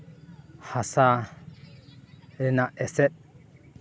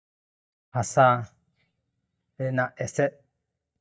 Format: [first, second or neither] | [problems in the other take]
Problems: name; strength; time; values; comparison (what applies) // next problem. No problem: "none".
first | noise reduction (neural mask model DeepFilterNet 3)